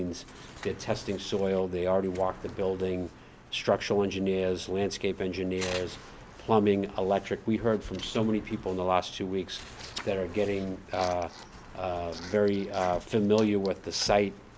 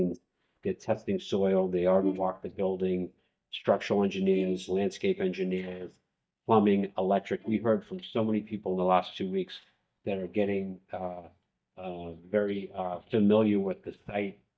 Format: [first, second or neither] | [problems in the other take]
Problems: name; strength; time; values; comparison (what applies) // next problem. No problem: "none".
first | noise reduction (neural mask model DeepFilterNet 3)